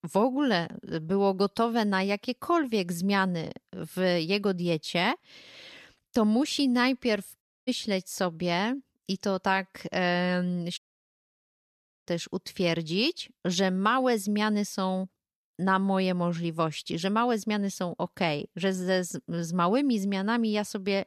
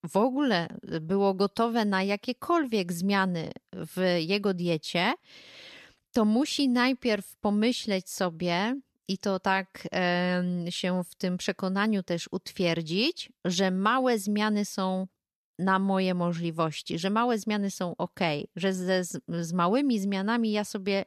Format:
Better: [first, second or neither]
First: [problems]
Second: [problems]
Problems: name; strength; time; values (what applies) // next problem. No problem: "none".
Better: second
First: audio cutting out; at 7.5 s and at 11 s for 1.5 s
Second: none